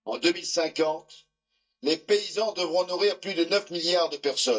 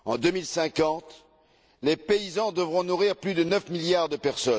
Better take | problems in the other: second | noise reduction (neural mask model DeepFilterNet 3)

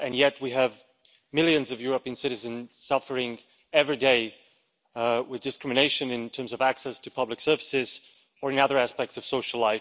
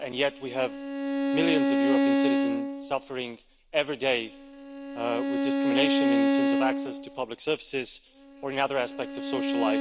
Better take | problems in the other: first | background sound (Bowed string instrument); 3 dB above the speech

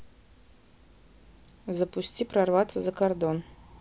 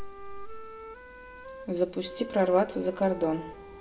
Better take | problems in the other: first | background sound (Wind instrument, woodwind instrument); 15 dB below the speech // room echo; dies away in 0.8 s

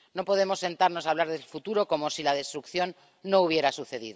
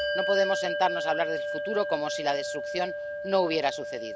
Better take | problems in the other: first | background sound (Bell); 2 dB below the speech

